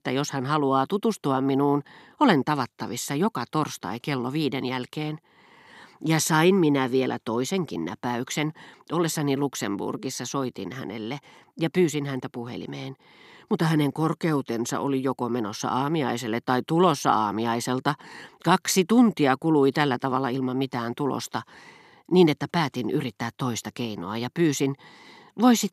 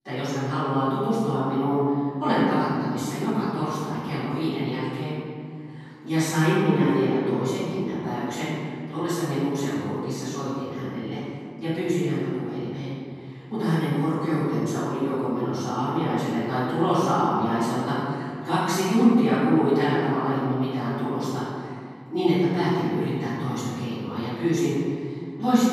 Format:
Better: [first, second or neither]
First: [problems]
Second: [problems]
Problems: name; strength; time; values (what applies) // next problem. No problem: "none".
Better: first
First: none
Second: off-mic speech; far // room echo; strong; dies away in 2.2 s